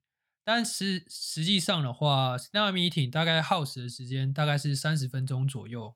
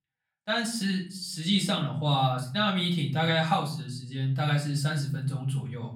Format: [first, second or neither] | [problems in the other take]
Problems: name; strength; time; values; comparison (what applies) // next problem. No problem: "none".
first | off-mic speech; far // room echo; slight; dies away in 0.5 s